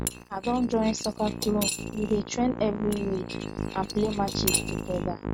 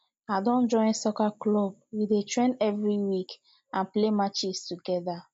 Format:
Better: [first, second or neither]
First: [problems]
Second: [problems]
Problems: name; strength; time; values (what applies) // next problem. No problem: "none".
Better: second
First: noise reduction (neural mask model RNNoise)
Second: none